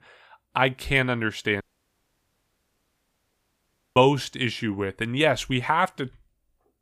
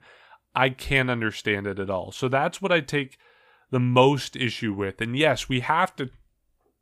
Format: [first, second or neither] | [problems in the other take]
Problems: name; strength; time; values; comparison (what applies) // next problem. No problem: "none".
second | audio cutting out; at 1.5 s for 2.5 s